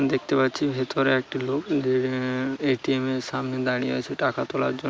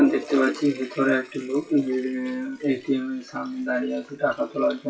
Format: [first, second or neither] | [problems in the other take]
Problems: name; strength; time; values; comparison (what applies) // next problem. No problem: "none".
first | noise reduction (classical method WPE with log-MMSE)